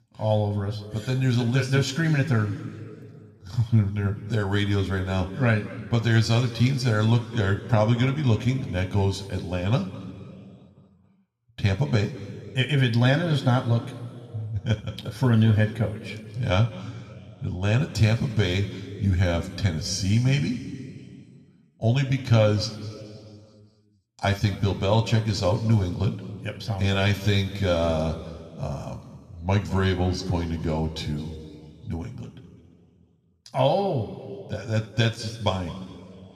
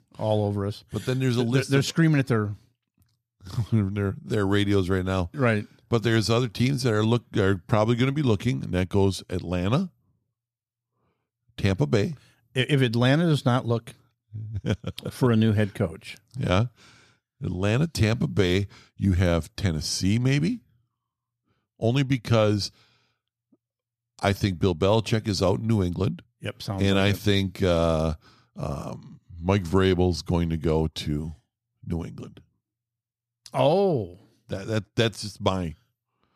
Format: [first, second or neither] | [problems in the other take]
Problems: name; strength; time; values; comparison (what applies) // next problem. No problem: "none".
second | room echo; slight; dies away in 2.1 s